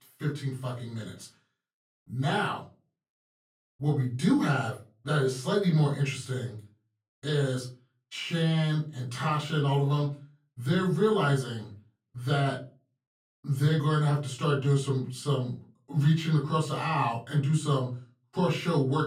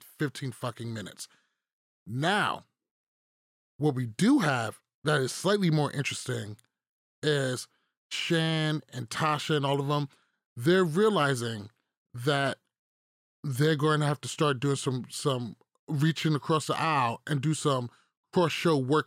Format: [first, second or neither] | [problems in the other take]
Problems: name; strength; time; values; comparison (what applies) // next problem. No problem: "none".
second | off-mic speech; far // room echo; slight; dies away in 0.3 s